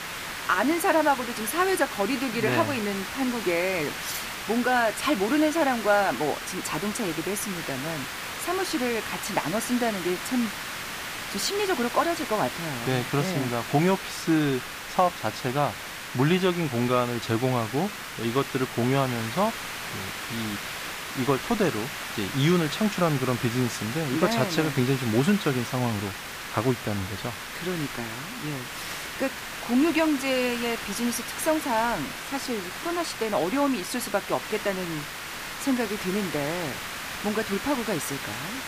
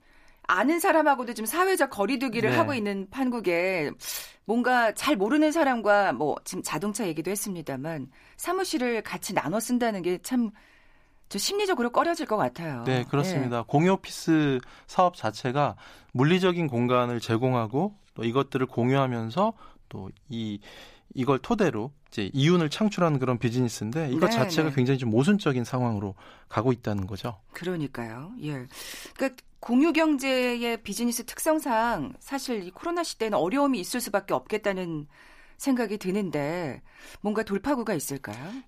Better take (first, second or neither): second